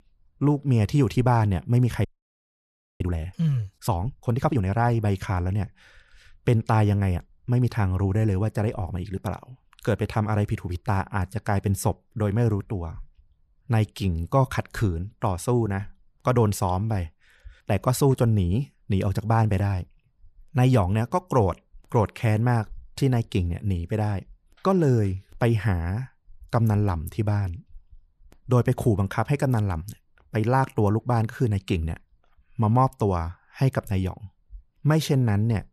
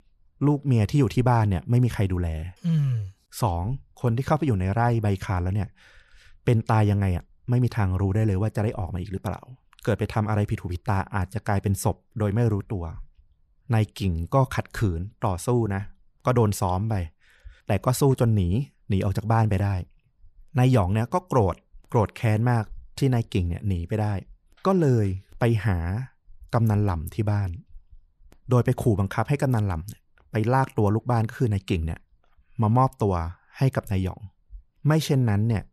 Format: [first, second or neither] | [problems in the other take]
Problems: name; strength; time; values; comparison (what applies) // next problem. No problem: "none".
second | audio freezing; at 2 s for 1 s